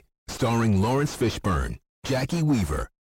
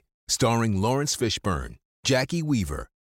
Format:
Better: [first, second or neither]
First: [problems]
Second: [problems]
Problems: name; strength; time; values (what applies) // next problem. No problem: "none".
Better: second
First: distortion; heavy; 5 dB below the speech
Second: none